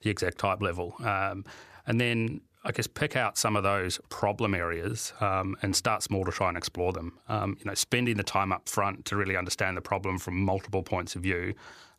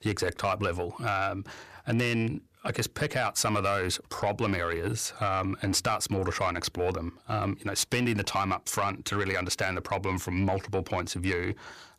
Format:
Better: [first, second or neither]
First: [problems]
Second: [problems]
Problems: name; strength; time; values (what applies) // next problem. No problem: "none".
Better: first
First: none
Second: distortion; slight; 10 dB below the speech